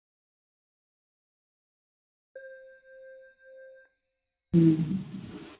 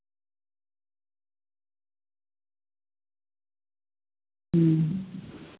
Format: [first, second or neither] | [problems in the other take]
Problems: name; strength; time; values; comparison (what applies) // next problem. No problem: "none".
second | noise reduction (classical method WPE with log-MMSE)